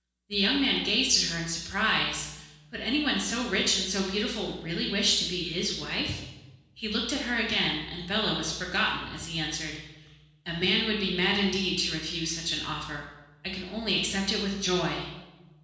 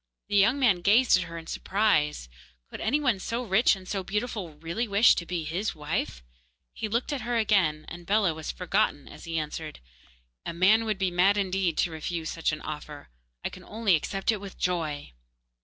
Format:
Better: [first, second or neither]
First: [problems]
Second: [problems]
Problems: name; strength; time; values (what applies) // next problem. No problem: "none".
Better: second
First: room echo; dies away in 1.1 s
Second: none